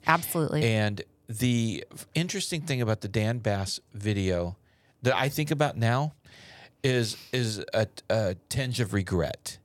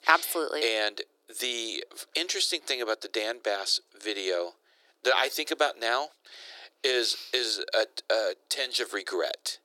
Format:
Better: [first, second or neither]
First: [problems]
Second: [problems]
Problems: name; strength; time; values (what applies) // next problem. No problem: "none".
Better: first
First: none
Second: thin; very; fading below 350 Hz